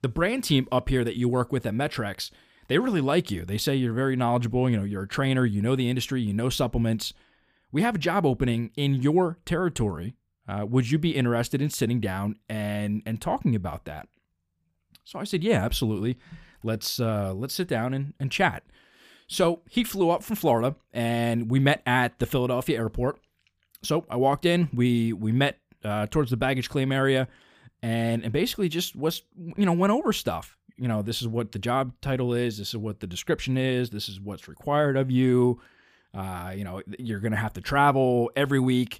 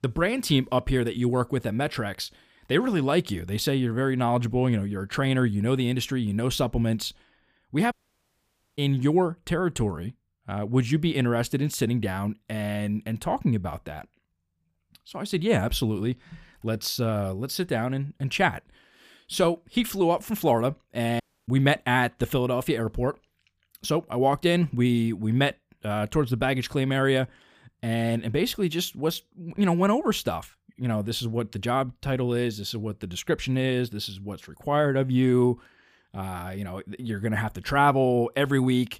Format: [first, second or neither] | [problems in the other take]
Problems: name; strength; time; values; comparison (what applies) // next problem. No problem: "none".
first | audio cutting out; at 8 s for 1 s and at 21 s